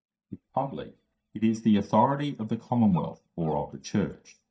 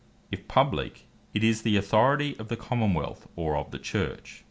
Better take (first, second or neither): second